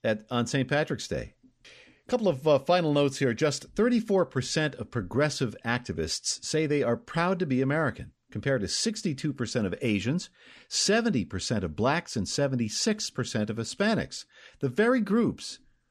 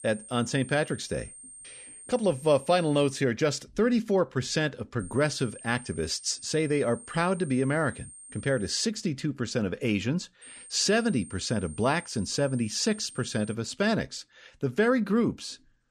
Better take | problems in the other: first | high-pitched whine; noticeable; until 3 s, from 5 to 8.5 s and from 10 to 14 s; 8.5 kHz, 15 dB below the speech

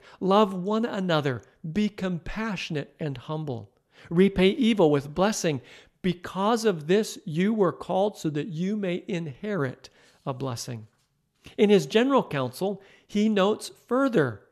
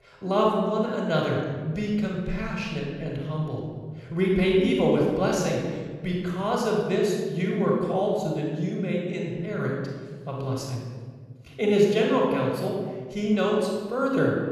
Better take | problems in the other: first | off-mic speech; somewhat distant // room echo; noticeable; dies away in 1.5 s

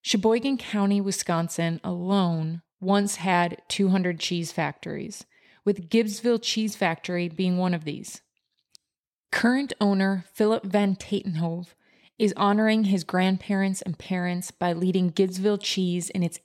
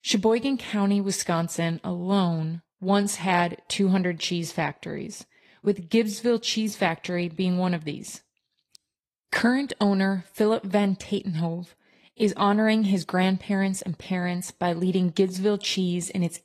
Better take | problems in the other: first | garbled, watery; slightly; nothing above 14 kHz

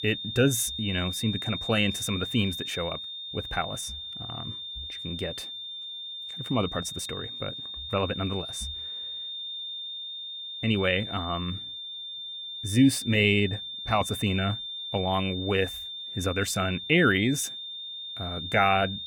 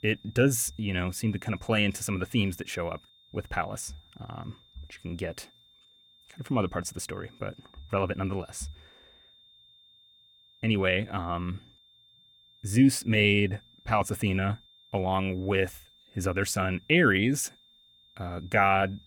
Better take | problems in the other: second | high-pitched whine; loud; throughout; 3.5 kHz, 7 dB below the speech; faint in the second

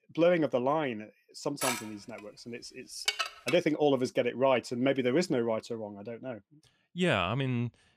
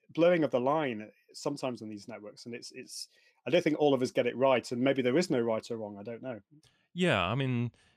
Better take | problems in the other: second | clattering dishes; noticeable; from 1.5 to 3.5 s; peak 2 dB below the speech

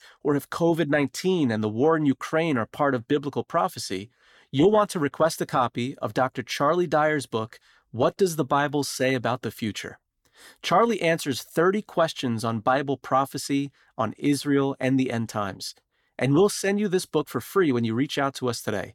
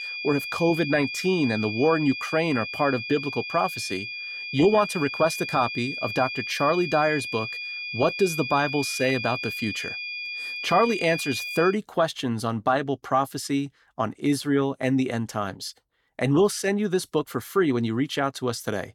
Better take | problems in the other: first | high-pitched whine; loud; until 12 s; 2.5 kHz, 6 dB below the speech

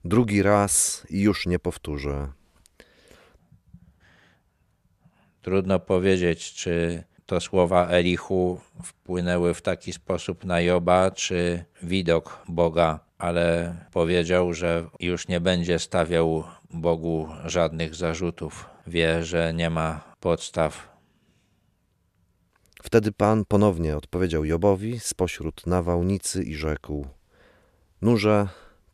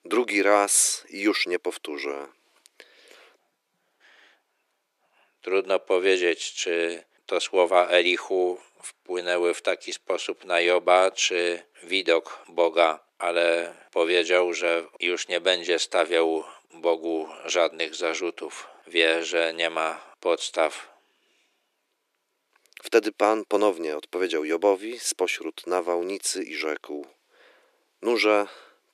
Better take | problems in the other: first | thin; very; fading below 300 Hz

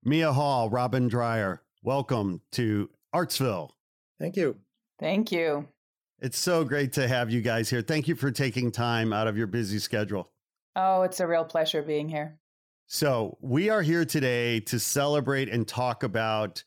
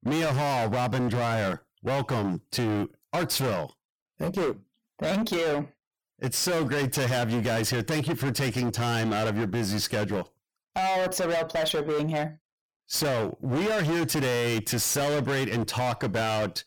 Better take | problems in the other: first | distortion; heavy; 32% of the sound clipped

